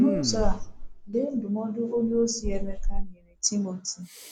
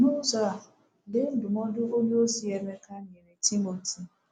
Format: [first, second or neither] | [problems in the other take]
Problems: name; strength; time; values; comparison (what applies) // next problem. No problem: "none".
second | background sound (Respiratory sounds); 1 dB below the speech